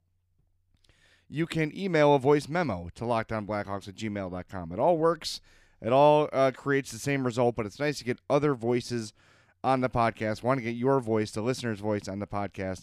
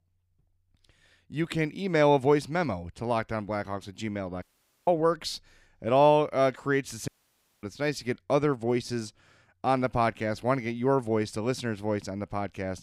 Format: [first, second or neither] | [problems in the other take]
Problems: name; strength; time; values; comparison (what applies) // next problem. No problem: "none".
first | audio cutting out; at 4.5 s and at 7 s for 0.5 s